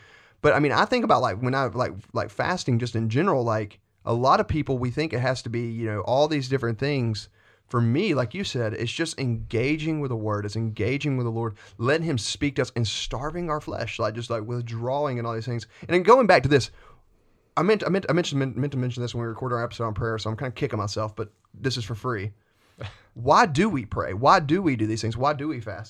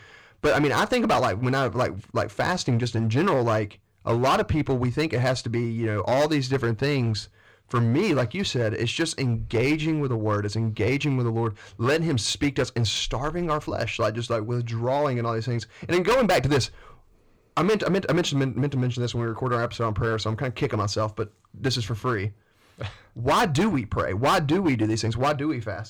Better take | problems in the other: first | distortion; heavy; 9% of the sound clipped

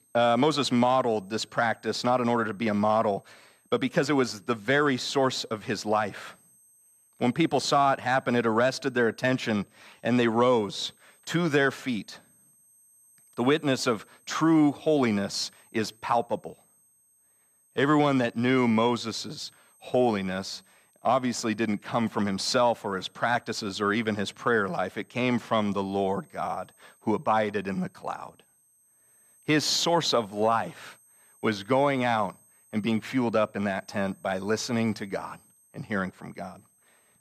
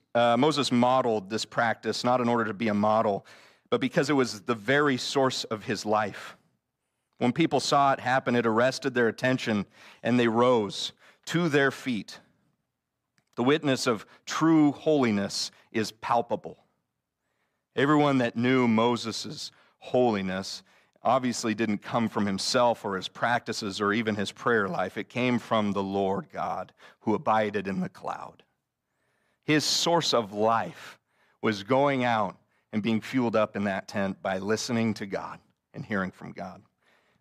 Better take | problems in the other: second | high-pitched whine; faint; throughout; 8.5 kHz, 35 dB below the speech

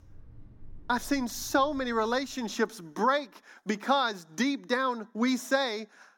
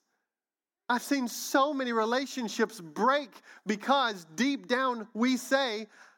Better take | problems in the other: second | rain or running water; faint; until 2 s; 25 dB below the speech

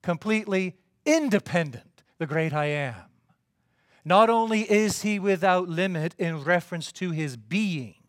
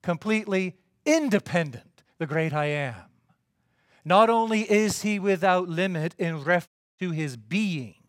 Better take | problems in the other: first | audio cutting out; at 6.5 s

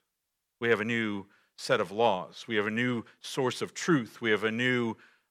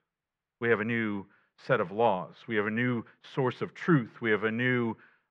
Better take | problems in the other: first | muffled; very; fading above 2 kHz

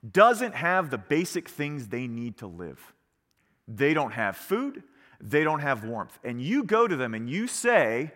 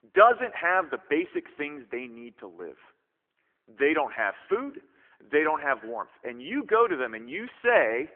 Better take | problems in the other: first | phone-call audio; nothing above 3 kHz

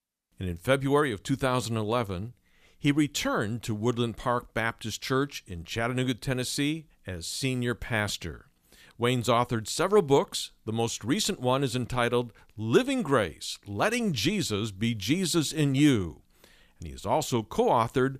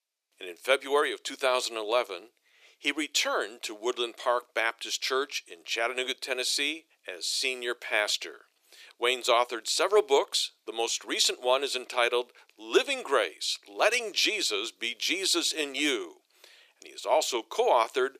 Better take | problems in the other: first | thin; very; fading below 350 Hz

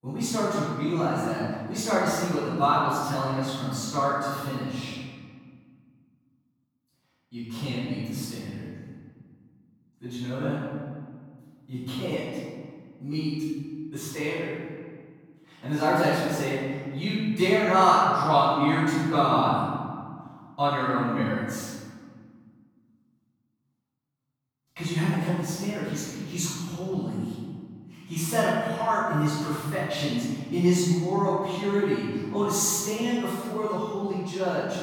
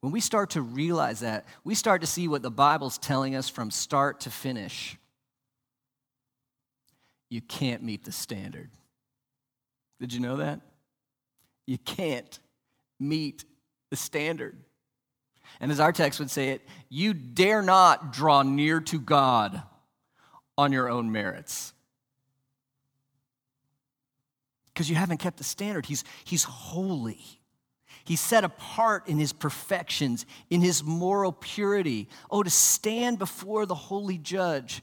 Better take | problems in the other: second | off-mic speech; far // room echo; strong; dies away in 1.8 s

